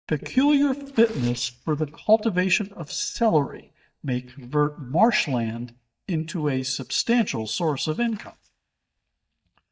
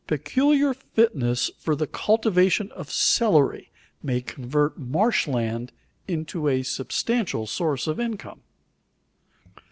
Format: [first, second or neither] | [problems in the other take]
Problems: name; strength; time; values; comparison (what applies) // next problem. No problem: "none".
second | noise reduction (neural mask model DeepFilterNet 3)